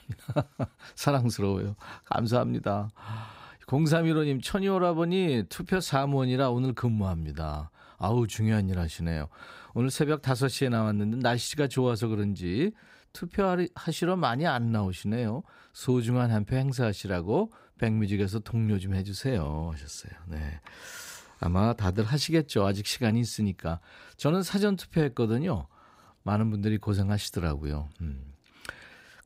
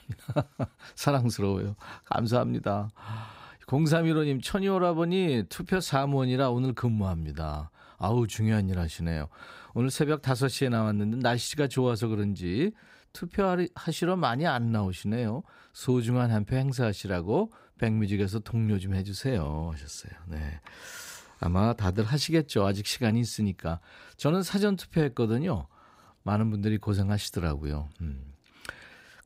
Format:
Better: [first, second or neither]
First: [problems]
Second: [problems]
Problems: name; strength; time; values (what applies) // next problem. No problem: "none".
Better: neither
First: none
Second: none